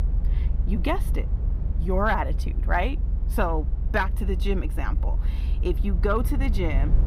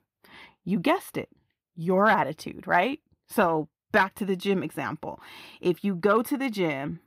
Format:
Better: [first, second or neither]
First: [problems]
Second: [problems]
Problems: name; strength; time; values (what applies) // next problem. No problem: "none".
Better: second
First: low rumble; noticeable; throughout; 15 dB below the speech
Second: none